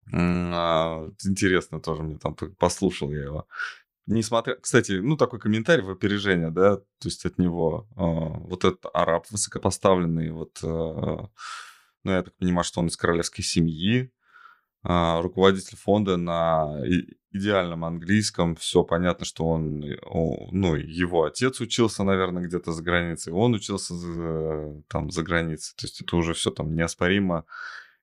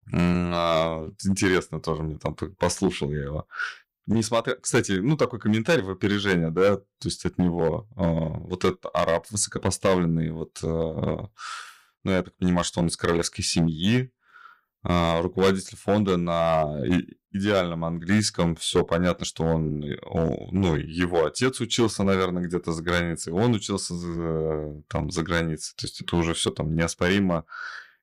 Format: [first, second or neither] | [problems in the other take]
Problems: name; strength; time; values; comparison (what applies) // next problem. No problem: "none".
first | distortion; slight; 3% of the sound clipped